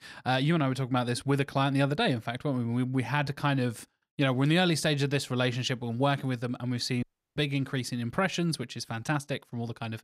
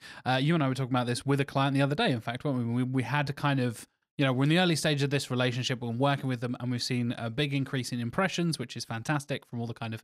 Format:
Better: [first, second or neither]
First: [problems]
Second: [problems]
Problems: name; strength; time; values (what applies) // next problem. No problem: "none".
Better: second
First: audio cutting out; at 7 s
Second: none